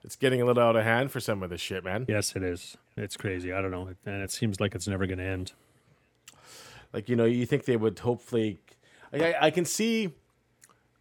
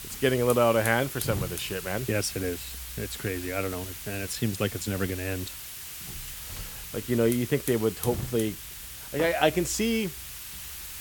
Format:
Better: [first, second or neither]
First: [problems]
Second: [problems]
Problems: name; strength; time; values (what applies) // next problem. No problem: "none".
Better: first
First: none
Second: hiss; loud; throughout; 8 dB below the speech